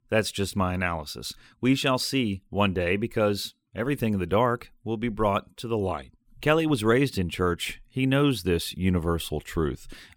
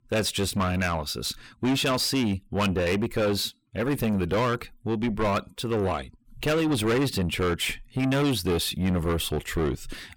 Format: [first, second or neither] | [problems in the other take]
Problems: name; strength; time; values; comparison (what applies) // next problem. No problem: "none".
first | distortion; heavy; 7 dB below the speech